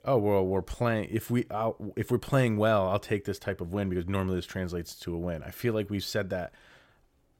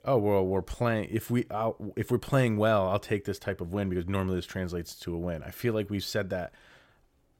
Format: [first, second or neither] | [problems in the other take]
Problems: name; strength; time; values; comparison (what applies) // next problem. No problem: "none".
neither | none